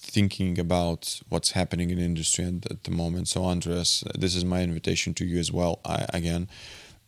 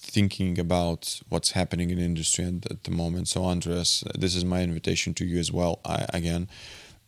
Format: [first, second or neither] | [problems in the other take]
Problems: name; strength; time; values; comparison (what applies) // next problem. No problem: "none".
neither | none